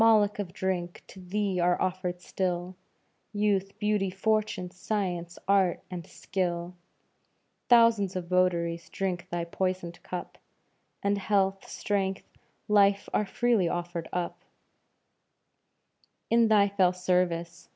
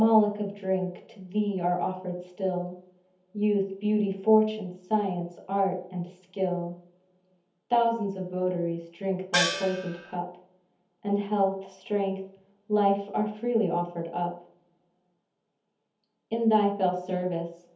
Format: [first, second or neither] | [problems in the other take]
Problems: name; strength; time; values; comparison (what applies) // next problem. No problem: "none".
first | background sound (Gong); 1 dB below the speech // room echo; dies away in 0.7 s